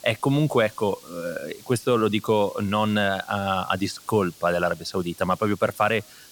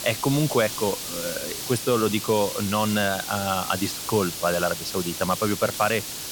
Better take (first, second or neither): first